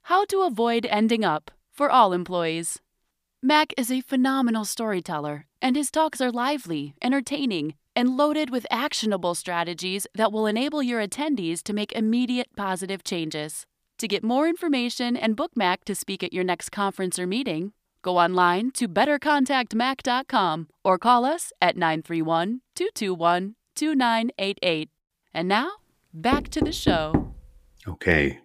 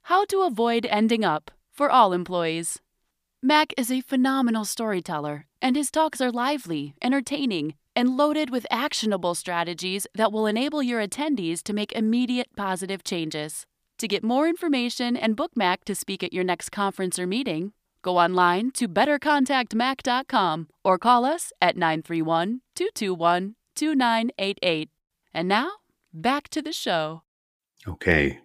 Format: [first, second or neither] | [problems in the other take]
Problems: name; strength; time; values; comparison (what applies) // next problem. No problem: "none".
second | door banging; loud; at 26 s; peak level with the speech